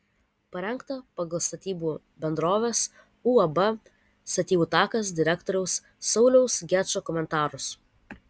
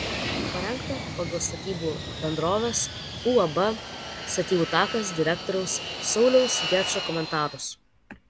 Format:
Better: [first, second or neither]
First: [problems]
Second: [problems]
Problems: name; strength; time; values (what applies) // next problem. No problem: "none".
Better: first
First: none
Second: background sound (Fixed-wing aircraft, airplane); 7 dB below the speech